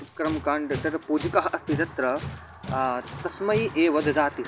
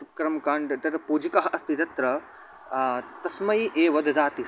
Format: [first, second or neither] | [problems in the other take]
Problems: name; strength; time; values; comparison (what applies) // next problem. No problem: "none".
second | background sound (Tools); 11 dB below the speech